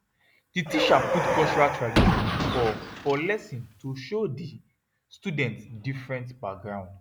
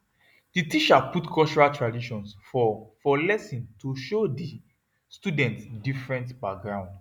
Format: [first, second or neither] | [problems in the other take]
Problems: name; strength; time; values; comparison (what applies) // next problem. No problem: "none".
second | background sound (Car); 2 dB above the speech